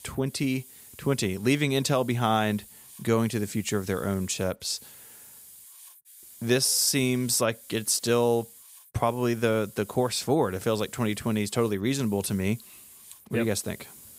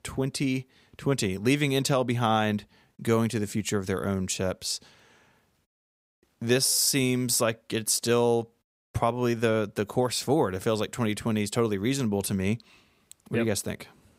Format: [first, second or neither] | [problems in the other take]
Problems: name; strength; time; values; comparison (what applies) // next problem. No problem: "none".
second | hiss; faint; throughout; 20 dB below the speech